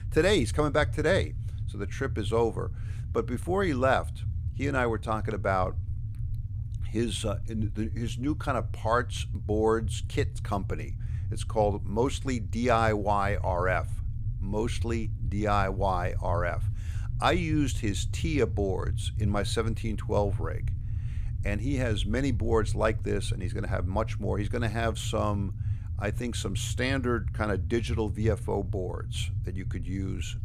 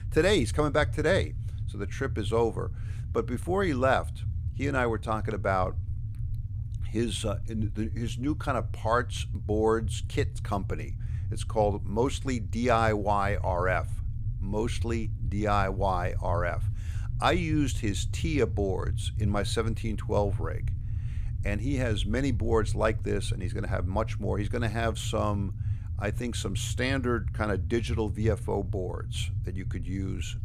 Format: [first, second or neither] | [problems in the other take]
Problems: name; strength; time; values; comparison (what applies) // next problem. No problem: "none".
neither | low rumble; noticeable; throughout; 20 dB below the speech; the same in both